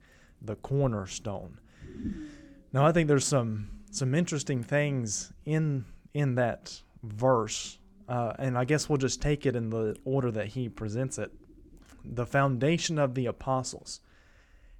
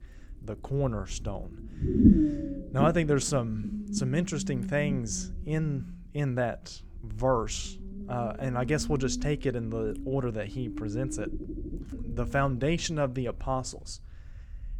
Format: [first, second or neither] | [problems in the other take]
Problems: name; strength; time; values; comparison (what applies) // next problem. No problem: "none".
first | low rumble; loud; throughout; 6 dB below the speech; faint in the first